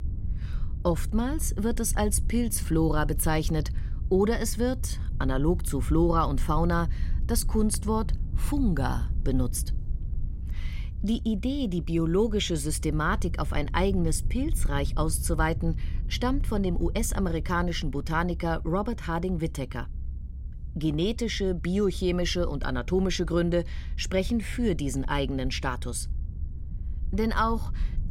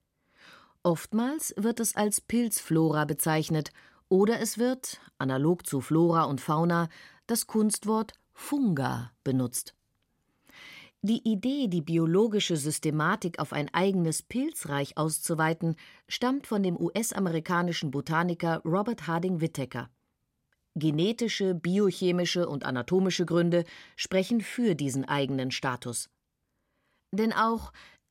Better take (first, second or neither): second